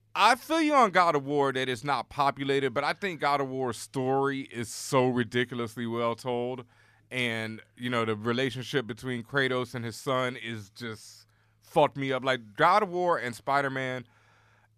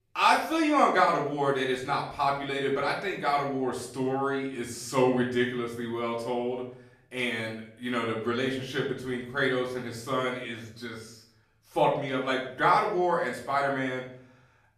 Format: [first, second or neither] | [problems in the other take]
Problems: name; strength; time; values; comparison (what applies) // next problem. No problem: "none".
first | off-mic speech; far // room echo; slight; dies away in 0.5 s